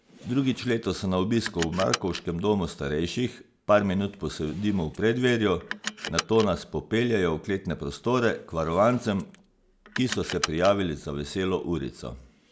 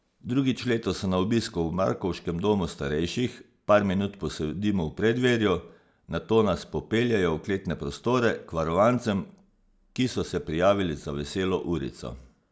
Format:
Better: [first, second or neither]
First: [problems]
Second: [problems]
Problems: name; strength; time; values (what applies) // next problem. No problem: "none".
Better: second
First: background sound (Car); 14 dB below the speech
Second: none